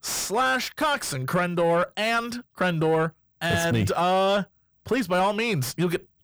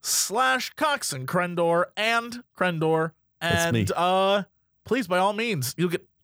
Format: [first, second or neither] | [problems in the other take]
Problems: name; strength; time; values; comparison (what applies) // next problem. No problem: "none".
second | distortion; slight; 10 dB below the speech